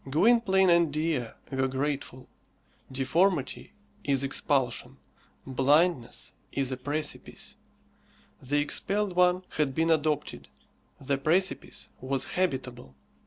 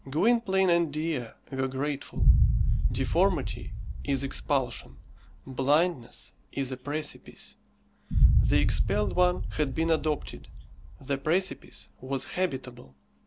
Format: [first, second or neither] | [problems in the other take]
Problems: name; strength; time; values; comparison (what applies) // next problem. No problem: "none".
first | background sound (Boom); 1 dB above the speech